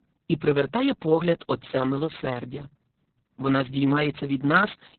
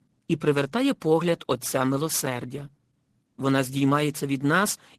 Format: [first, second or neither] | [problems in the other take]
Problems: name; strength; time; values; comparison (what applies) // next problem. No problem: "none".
second | garbled, watery; badly; nothing above 4 kHz; slightly in the second